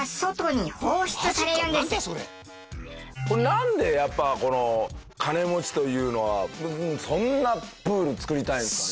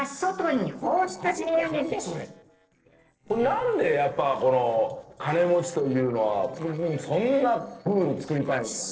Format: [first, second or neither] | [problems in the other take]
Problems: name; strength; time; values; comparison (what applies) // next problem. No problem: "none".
first | noise reduction (neural separator model SepFormer DNS4)